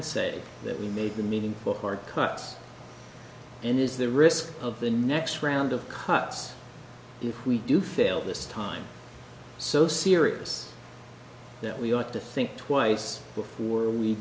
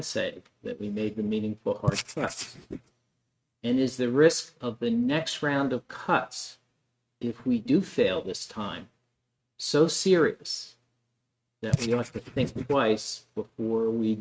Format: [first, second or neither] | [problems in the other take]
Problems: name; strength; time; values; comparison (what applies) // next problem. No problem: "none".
first | noise reduction (neural mask model RNNoise)